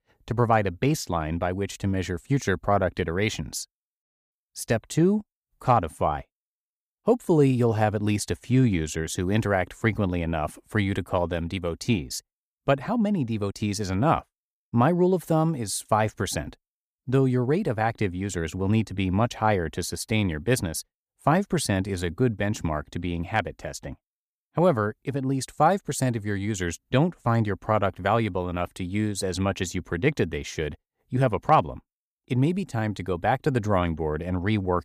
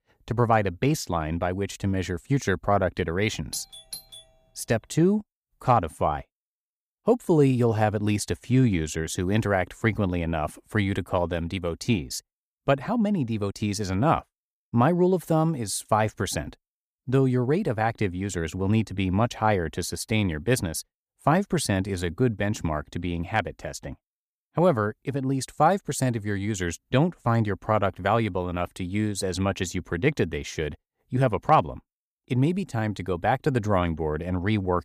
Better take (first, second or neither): first